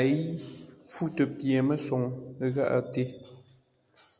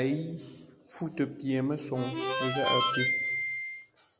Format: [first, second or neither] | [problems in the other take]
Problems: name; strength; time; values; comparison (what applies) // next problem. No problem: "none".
first | background sound (Harmonica); 2 dB above the speech